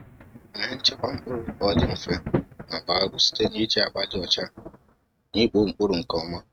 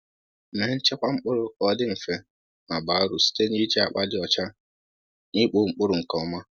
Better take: second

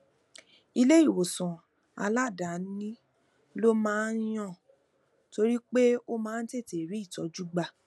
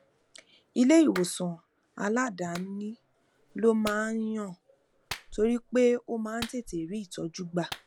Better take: first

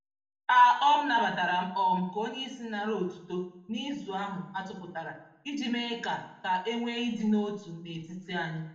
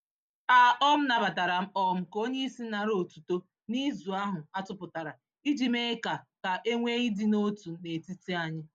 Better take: second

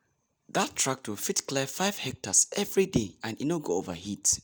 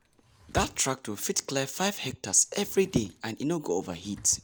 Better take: first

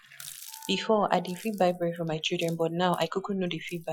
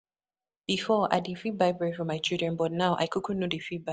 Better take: second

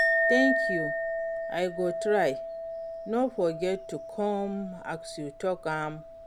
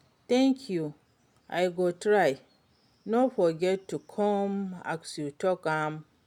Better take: second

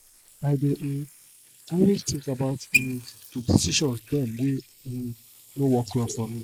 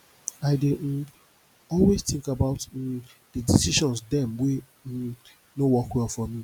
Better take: second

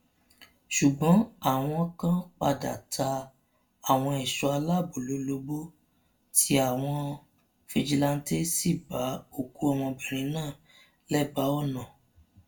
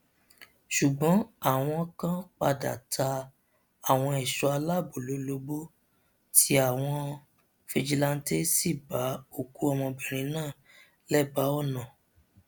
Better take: second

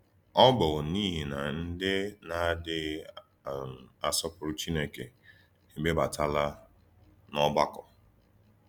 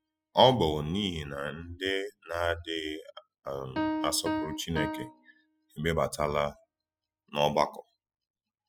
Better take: first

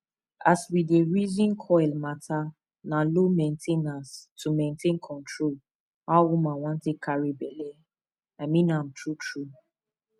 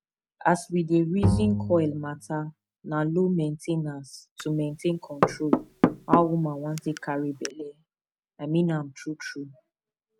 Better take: first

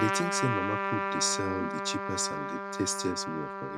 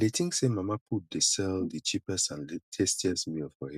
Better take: second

